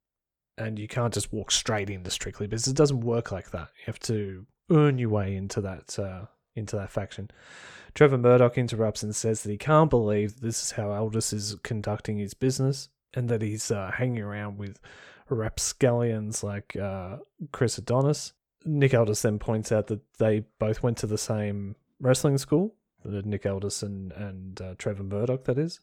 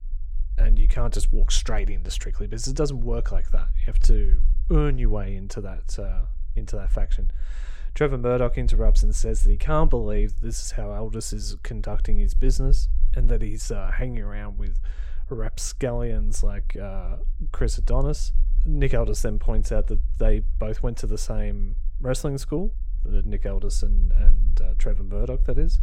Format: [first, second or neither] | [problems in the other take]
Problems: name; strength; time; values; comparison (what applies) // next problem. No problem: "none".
first | low rumble; faint; throughout; 25 dB below the speech